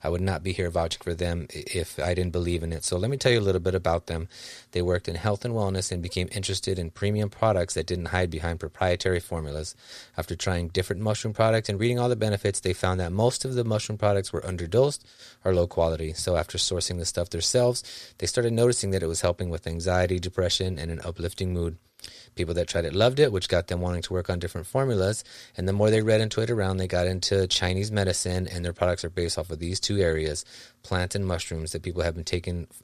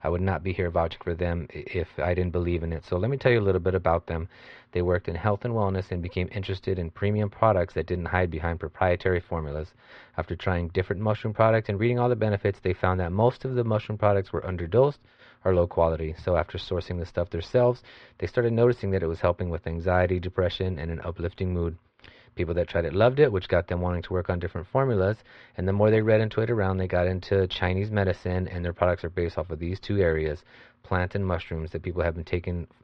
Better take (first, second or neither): first